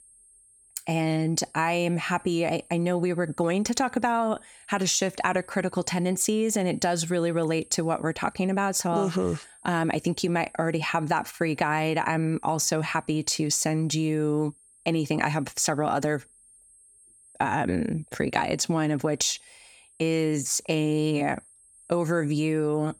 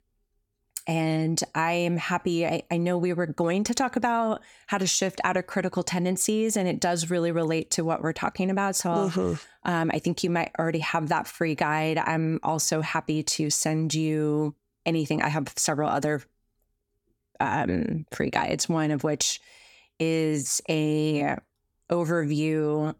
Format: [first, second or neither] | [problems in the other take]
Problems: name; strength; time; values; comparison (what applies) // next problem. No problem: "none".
second | high-pitched whine; faint; throughout; 8.5 kHz, 25 dB below the speech